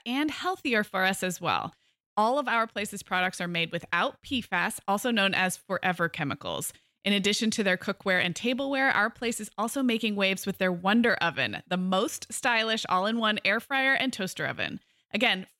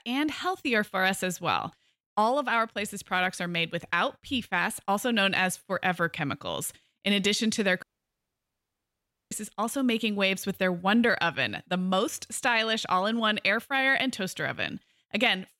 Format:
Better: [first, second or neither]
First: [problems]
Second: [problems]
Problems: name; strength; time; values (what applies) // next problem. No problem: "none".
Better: first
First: none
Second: audio cutting out; at 8 s for 1.5 s